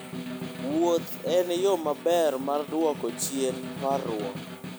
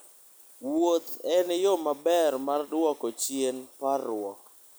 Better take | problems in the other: second | background sound (Snare drum); 10 dB below the speech

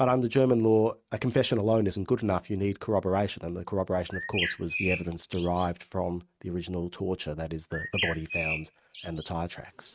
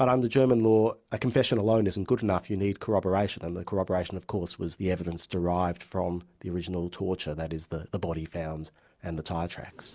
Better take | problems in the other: second | noise reduction (neural mask model RNNoise)

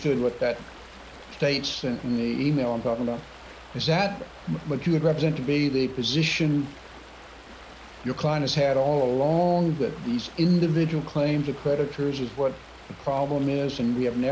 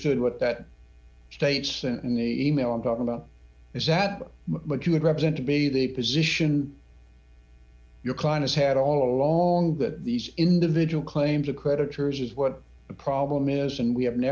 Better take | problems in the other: second | background sound (Stream); 19 dB below the speech

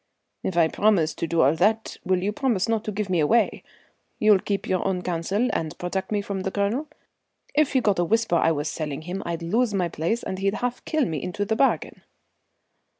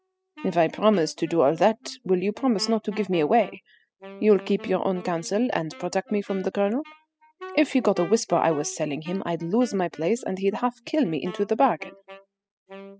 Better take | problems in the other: first | noise reduction (classical method spectral subtraction)

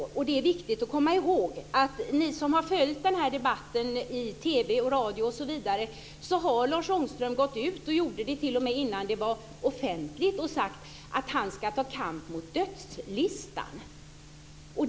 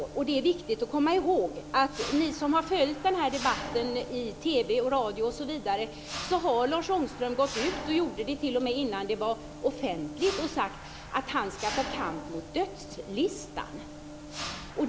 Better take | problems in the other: first | background sound (Mechanisms); 12 dB below the speech

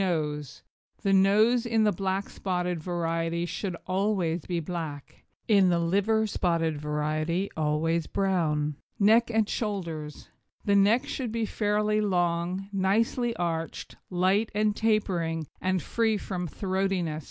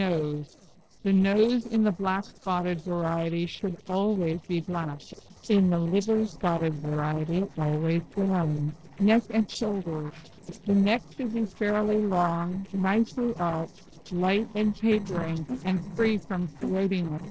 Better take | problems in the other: first | noise reduction (neural separator model SepFormer DNS4)

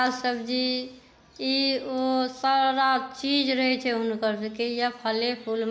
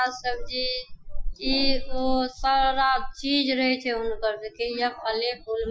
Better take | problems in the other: first | noise reduction (classical method Wiener filter)

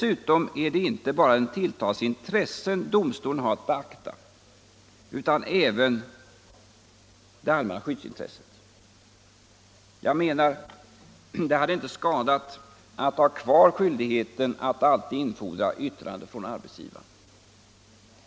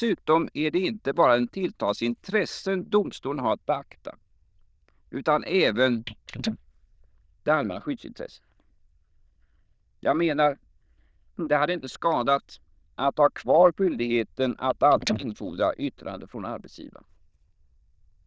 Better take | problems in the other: first | noise reduction (neural diffusion model UNIVERSE++)

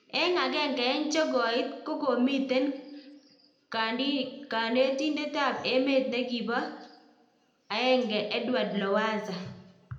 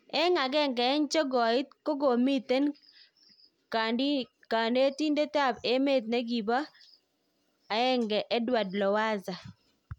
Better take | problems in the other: second | room echo; dies away in 0.7 s

